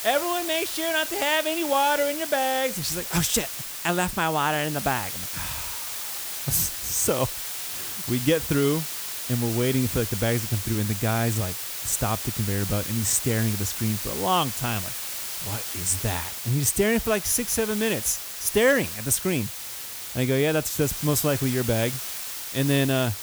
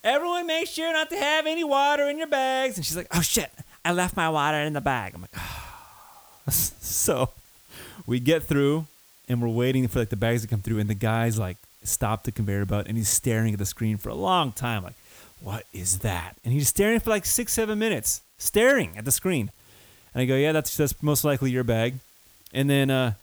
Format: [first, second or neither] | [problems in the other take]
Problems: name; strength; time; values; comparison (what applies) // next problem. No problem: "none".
second | hiss; loud; throughout; 5 dB below the speech; faint in the second